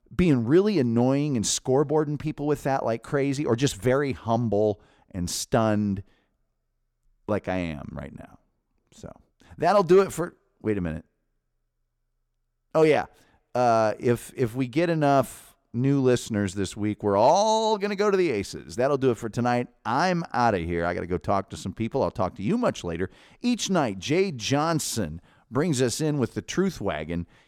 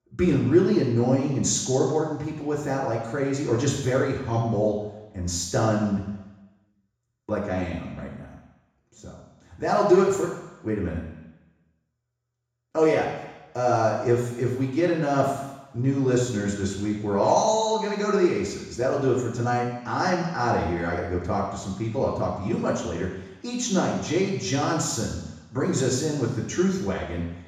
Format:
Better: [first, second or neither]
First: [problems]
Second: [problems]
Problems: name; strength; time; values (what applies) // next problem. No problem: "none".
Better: first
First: none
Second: room echo; noticeable; dies away in 1 s // off-mic speech; far